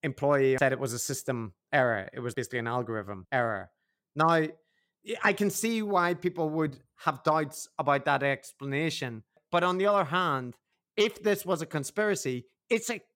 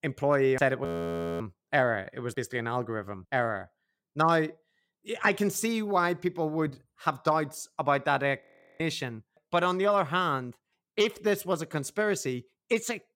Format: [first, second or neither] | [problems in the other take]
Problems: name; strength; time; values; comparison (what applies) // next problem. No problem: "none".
first | audio freezing; at 1 s for 0.5 s and at 8.5 s